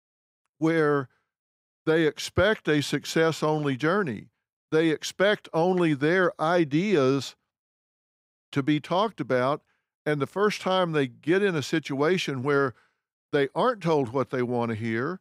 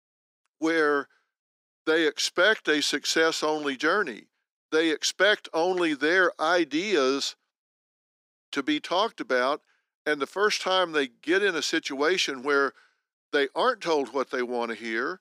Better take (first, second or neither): first